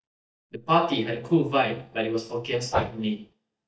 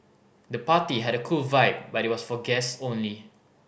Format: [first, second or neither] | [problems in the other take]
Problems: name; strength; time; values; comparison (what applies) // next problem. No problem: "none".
second | noise reduction (neural mask model DeepFilterNet 3)